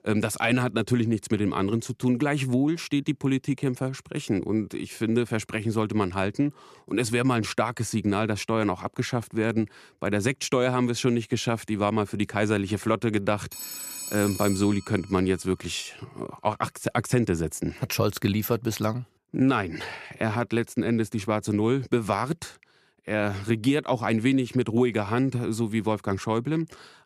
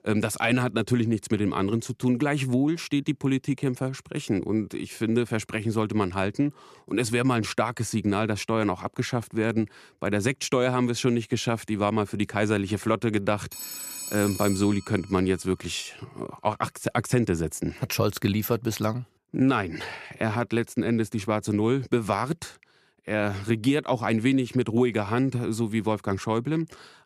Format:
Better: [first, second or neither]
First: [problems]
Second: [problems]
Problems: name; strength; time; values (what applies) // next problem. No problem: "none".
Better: neither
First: phone ringing; noticeable; from 14 to 15 s; peak 7 dB below the speech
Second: phone ringing; noticeable; from 14 to 15 s; peak 7 dB below the speech